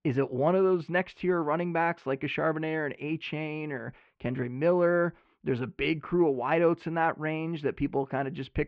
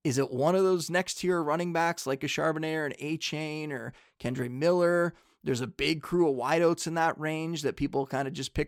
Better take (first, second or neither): second